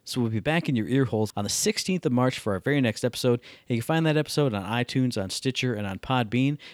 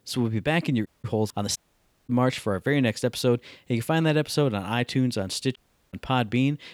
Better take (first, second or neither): first